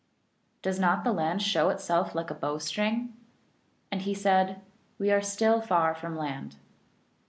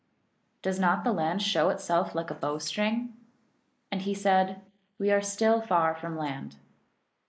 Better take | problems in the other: first | noise reduction (neural mask model Resemble Enhance denoiser)

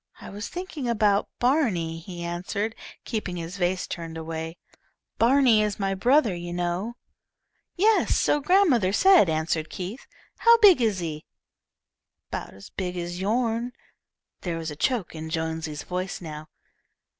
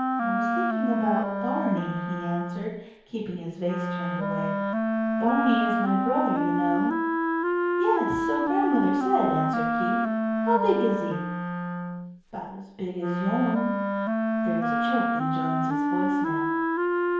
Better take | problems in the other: first | background sound (Wind instrument, woodwind instrument); 3 dB above the speech // room echo; dies away in 1 s

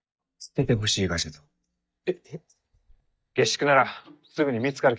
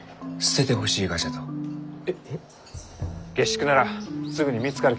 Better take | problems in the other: second | noise reduction (neural mask model DeepFilterNet 3)

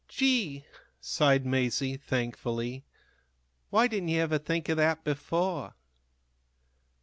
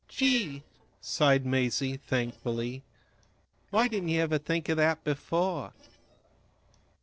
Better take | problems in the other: first | noise reduction (neural separator model SepFormer DNS4)

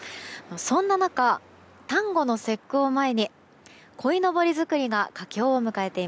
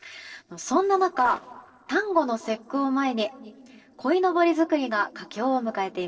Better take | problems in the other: first | noise reduction (neural separator model SepFormer DNS4)

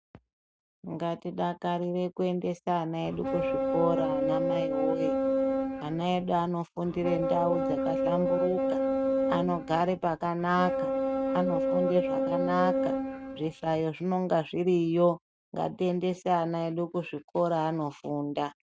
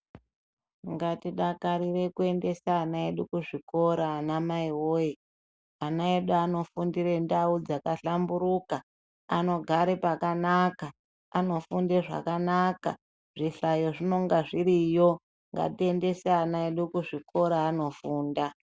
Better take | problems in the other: second | noise reduction (neural mask model RNNoise)

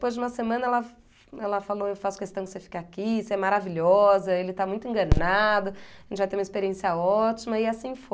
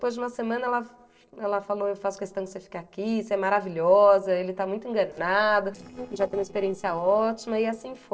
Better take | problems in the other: first | noise reduction (neural separator model SepFormer DNS4)

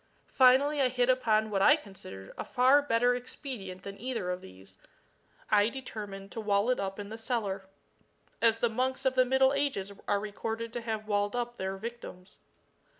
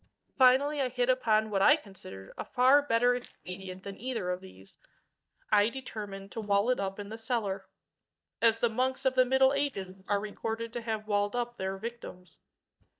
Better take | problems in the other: first | noise reduction (neural mask model DeepFilterNet 3)

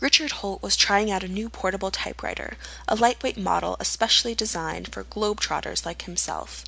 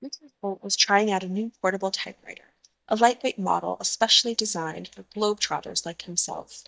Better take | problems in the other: first | noise reduction (neural mask model DeepFilterNet 3)

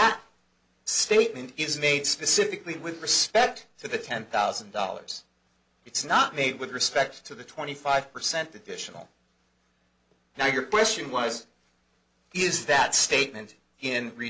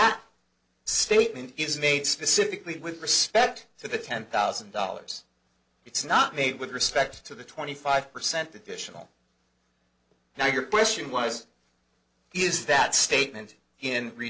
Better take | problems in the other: first | noise reduction (neural separator model SepFormer DNS4)

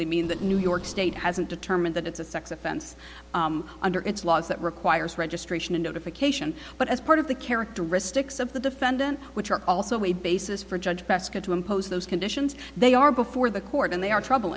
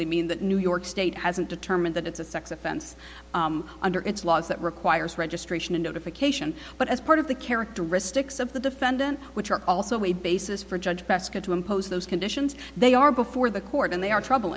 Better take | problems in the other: second | background sound (Boom); 18 dB below the speech

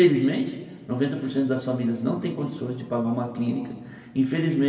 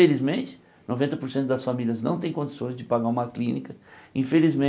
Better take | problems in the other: second | room echo; dies away in 2 s

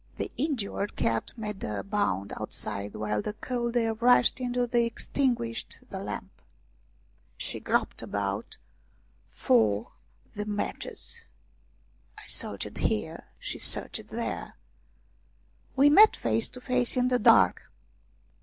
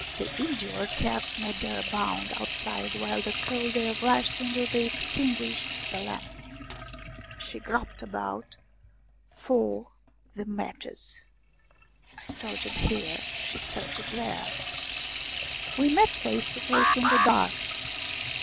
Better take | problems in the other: first | background sound (Sink (filling or washing) / Water tap, faucet + Alarm); 2 dB below the speech

